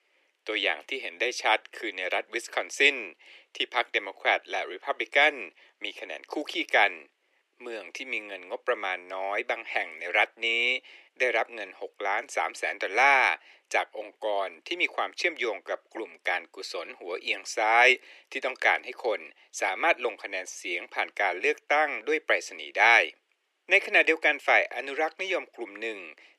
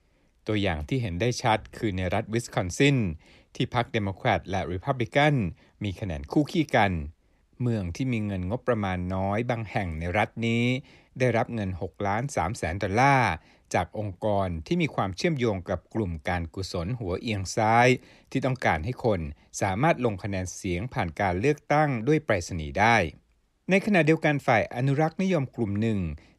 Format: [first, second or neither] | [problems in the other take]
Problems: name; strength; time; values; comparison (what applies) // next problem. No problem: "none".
second | thin; very; fading below 350 Hz